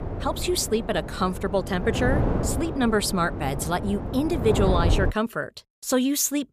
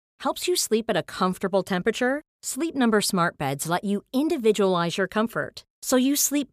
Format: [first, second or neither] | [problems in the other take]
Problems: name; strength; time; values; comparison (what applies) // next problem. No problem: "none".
second | wind noise on the microphone; heavy; until 5 s; 7 dB below the speech